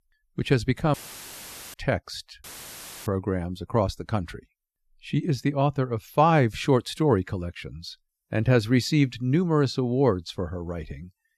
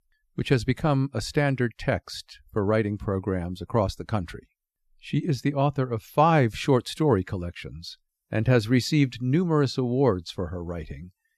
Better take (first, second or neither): second